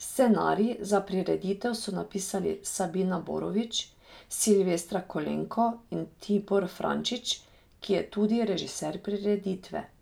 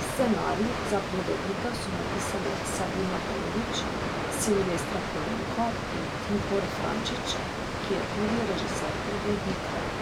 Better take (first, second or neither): first